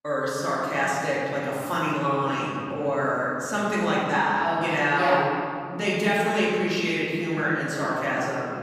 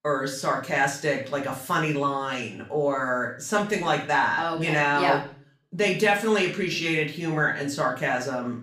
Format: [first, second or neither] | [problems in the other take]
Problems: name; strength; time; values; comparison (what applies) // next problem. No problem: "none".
second | room echo; strong; dies away in 2.4 s; slight in the second // off-mic speech; far; far in the second